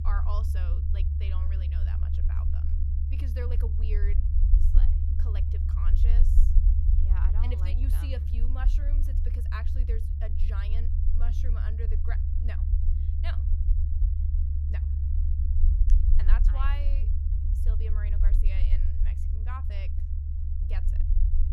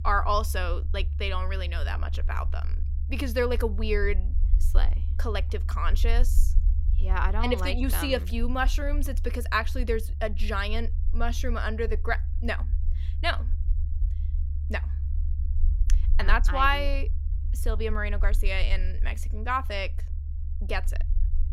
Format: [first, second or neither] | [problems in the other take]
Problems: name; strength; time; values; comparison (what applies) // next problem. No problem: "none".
second | low rumble; loud; throughout; 2 dB below the speech; faint in the second